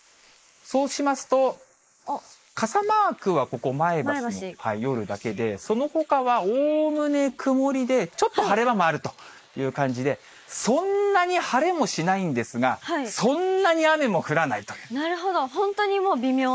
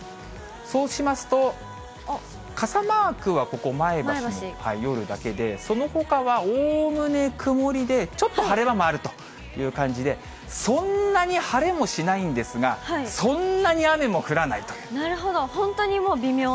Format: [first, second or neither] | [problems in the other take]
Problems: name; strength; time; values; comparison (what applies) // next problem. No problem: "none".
second | noise reduction (neural mask model Resemble Enhance denoiser)